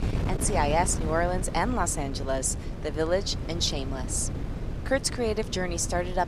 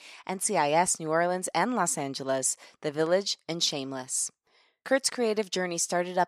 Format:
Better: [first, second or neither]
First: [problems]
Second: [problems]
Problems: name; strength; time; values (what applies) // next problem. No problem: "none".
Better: second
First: wind noise on the microphone; occasional gusts; 10 dB below the speech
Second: none